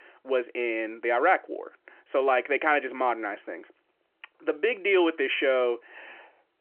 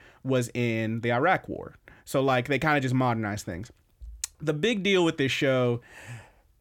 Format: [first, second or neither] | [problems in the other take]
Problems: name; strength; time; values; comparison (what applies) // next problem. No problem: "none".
second | phone-call audio; nothing above 3 kHz